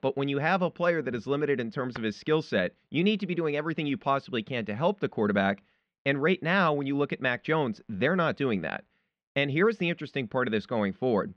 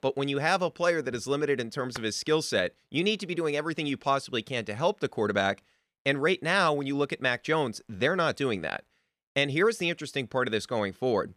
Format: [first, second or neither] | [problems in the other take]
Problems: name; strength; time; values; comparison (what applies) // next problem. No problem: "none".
second | muffled; slightly; fading above 3.5 kHz